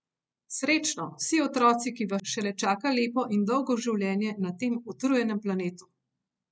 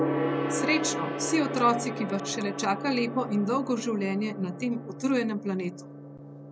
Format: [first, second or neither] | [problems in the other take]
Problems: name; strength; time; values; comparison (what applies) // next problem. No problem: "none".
first | background sound (Gong); 4 dB below the speech